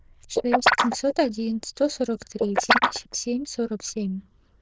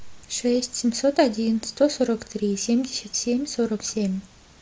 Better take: second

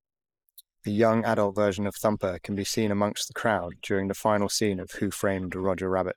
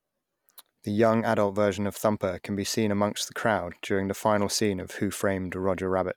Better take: second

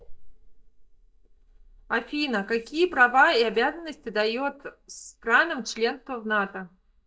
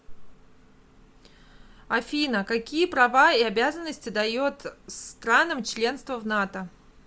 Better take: second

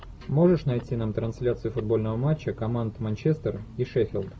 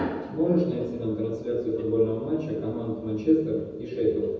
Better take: first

